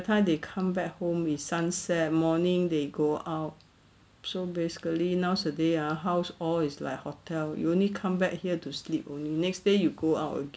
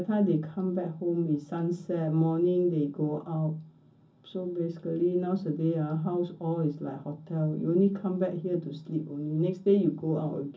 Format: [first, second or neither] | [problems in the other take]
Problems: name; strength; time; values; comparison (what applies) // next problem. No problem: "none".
first | room echo; dies away in 0.4 s